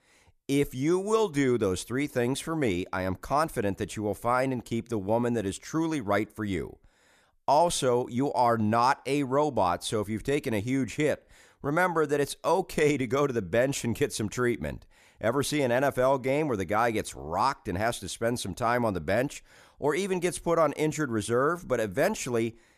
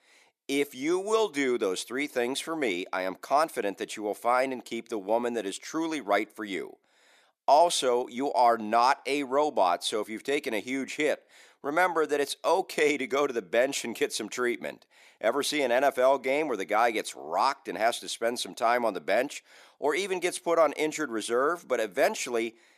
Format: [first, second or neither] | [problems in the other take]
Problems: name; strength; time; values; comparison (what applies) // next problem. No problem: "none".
first | thin; somewhat; fading below 300 Hz